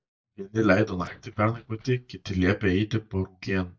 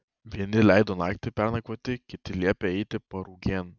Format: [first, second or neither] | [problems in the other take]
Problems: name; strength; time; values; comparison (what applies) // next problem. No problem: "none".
second | noise reduction (neural mask model DeepFilterNet 3)